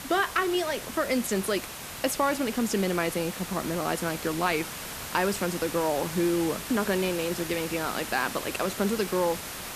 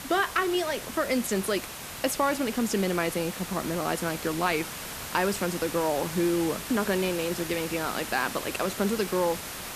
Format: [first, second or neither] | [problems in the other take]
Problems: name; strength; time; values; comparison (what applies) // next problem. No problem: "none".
neither | hiss; loud; throughout; 7 dB below the speech; the same in both